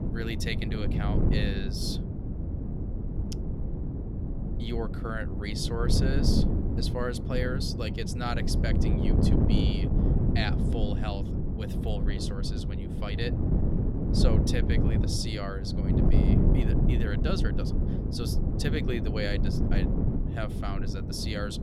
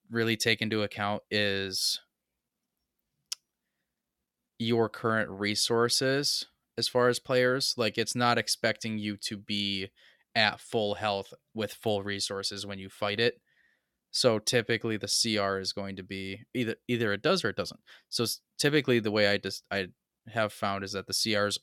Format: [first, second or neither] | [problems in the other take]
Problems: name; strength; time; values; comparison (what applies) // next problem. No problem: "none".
second | wind noise on the microphone; heavy; 2 dB below the speech